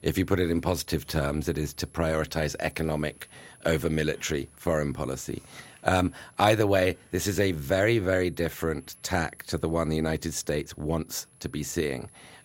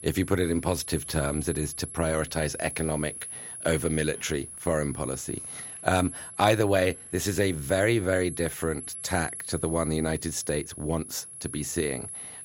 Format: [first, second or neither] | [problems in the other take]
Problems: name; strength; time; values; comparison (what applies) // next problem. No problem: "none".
first | high-pitched whine; loud; throughout; 10.5 kHz, 9 dB below the speech; faint in the first